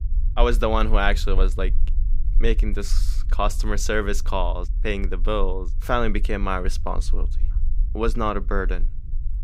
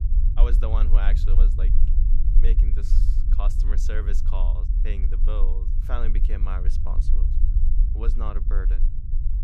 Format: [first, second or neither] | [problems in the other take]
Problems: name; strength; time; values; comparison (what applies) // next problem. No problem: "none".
first | low rumble; loud; throughout; 7 dB below the speech; faint in the first